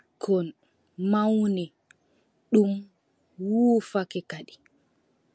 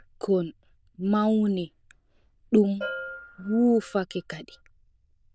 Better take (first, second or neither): first